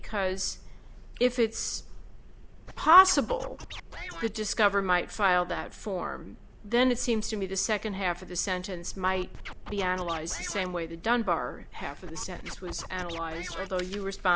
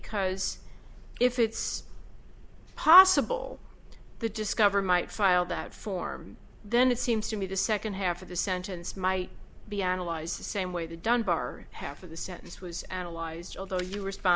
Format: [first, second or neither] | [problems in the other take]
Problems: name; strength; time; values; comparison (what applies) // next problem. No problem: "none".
second | background sound (Scratching (performance technique)); 11 dB below the speech